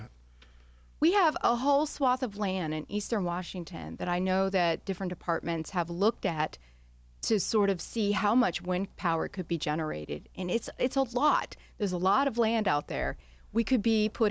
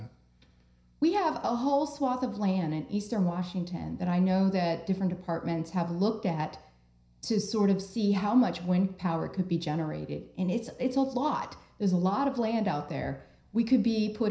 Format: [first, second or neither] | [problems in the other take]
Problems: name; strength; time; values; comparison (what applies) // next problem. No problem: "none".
first | room echo; dies away in 0.5 s